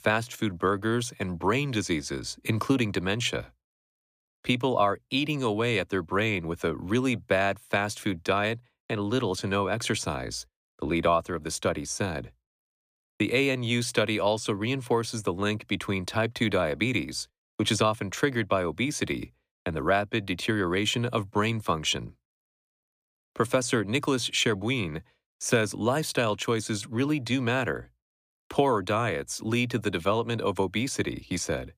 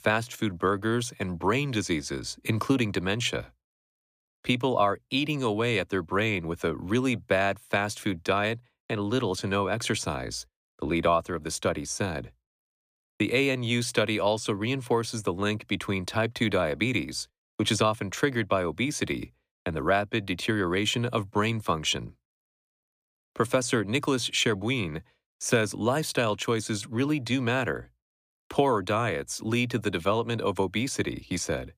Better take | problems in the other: neither | none

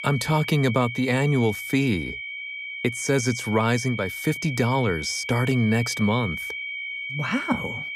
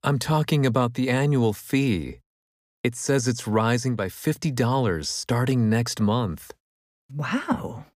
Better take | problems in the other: second | high-pitched whine; loud; throughout; 2.5 kHz, 7 dB below the speech

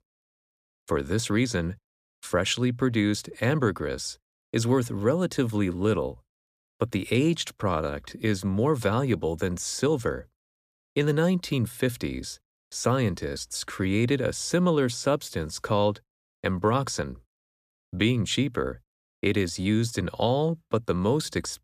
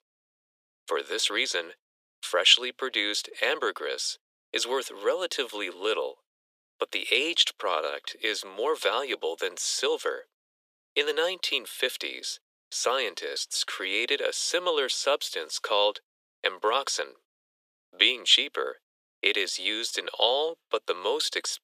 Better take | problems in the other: first | thin; very; fading below 400 Hz

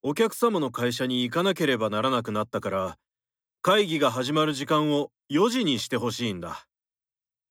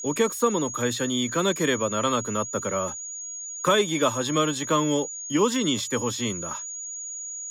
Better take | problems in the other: first | high-pitched whine; loud; throughout; 7 kHz, 7 dB below the speech

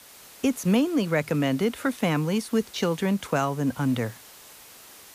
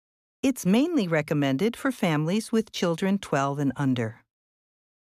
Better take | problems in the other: second | hiss; faint; throughout; 20 dB below the speech

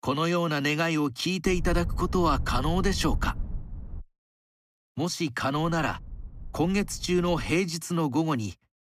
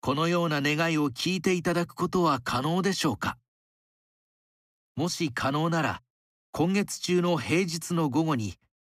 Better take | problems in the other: second | low rumble; faint; from 1.5 to 4 s and from 5.5 to 7.5 s; 25 dB below the speech

